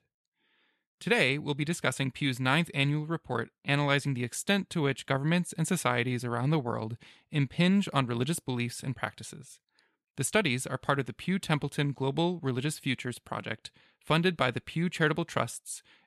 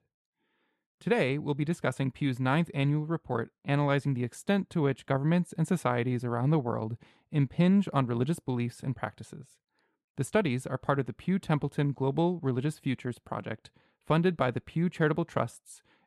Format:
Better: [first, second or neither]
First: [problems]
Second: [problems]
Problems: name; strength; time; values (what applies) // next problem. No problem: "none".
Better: first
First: none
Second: muffled; slightly; fading above 1.5 kHz